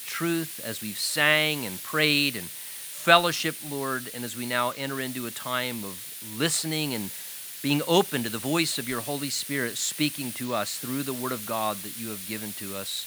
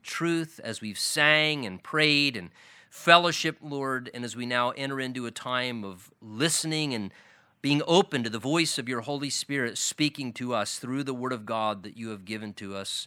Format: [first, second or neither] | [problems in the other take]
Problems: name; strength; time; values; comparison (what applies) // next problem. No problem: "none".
second | hiss; loud; throughout; 9 dB below the speech